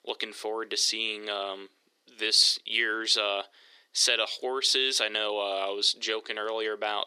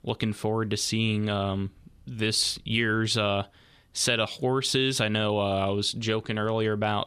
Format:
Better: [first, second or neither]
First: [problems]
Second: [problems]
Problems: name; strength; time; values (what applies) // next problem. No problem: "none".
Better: second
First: thin; very; fading below 350 Hz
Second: none